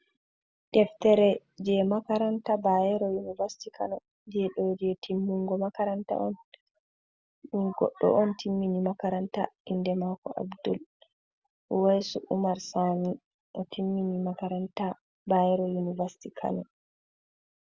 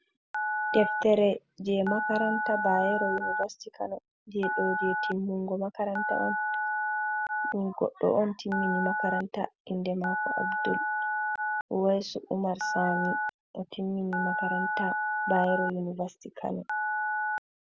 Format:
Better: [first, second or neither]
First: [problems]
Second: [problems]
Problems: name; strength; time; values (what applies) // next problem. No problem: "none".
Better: first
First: none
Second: background sound (Telephone); 2 dB below the speech